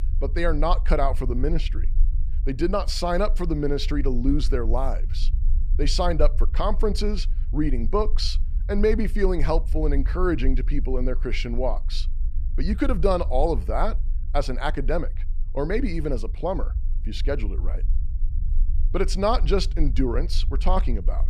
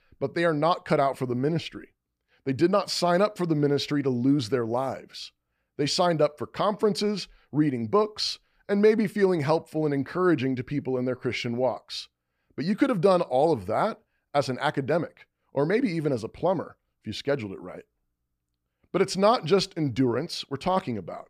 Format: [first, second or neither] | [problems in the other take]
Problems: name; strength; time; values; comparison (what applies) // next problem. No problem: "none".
second | low rumble; faint; throughout; 25 dB below the speech